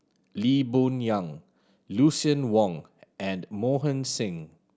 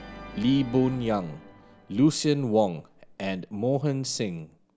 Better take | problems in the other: first | background sound (Organ); 20 dB below the speech

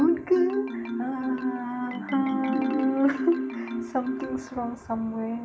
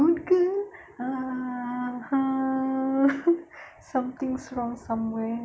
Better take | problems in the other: second | background sound (Marimba, xylophone); 5 dB below the speech

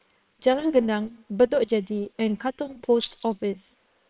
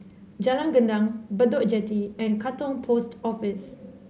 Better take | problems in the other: second | noise reduction (neural separator model SepFormer WHAM!)

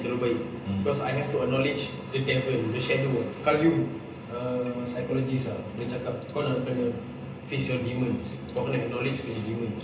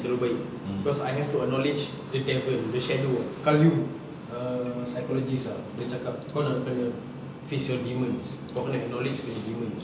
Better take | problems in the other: second | room echo; dies away in 0.2 s

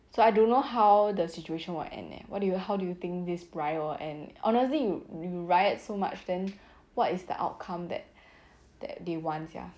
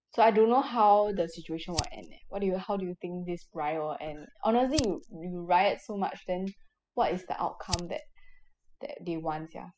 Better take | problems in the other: first | noise reduction (classical method spectral subtraction)

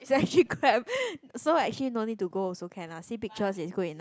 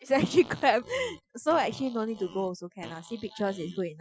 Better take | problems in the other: first | noise reduction (classical method Wiener filter)

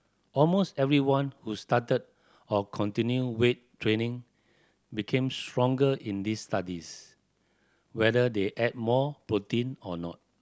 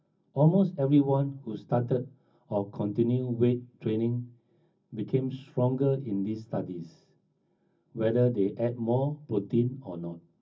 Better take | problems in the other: first | room echo; dies away in 0.4 s

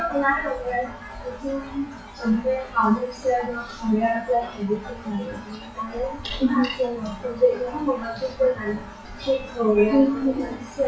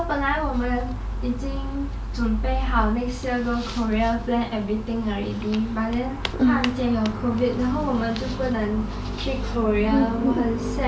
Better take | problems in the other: second | noise reduction (classical method WPE with log-MMSE)

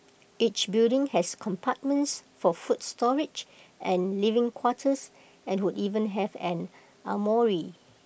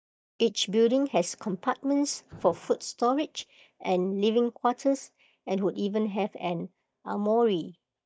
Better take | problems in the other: first | noise reduction (neural mask model DeepFilterNet 3)

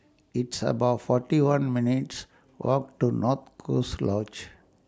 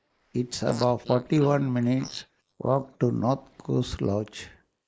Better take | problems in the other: first | noise reduction (neural mask model Resemble Enhance denoiser)

